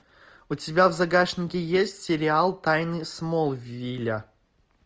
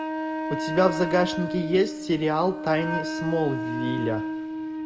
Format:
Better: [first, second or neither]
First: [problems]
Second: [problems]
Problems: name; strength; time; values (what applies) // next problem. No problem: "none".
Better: first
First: none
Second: background sound (Wind instrument, woodwind instrument); 4 dB below the speech // room echo; dies away in 1.2 s